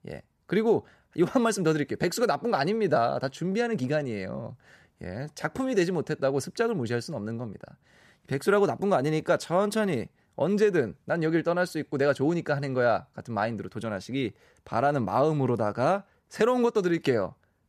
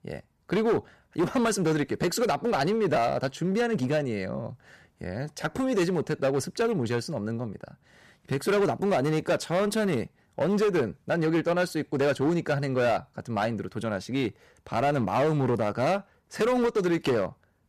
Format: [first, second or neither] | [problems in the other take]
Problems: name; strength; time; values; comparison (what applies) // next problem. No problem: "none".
first | distortion; slight; 10% of the sound clipped